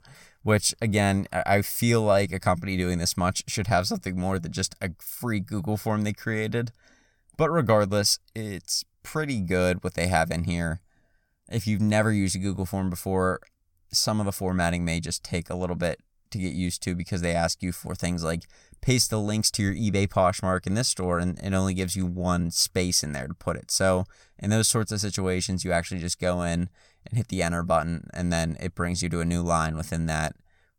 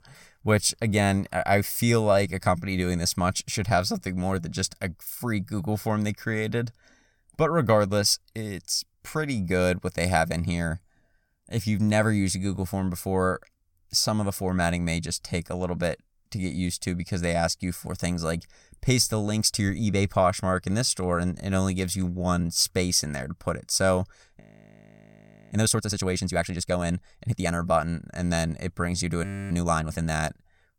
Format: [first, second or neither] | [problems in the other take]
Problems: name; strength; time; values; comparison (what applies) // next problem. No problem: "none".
first | audio freezing; at 24 s for 1 s and at 29 s